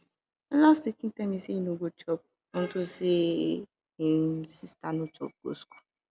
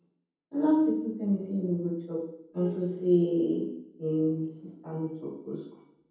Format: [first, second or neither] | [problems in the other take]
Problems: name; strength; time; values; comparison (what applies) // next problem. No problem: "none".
first | room echo; dies away in 0.9 s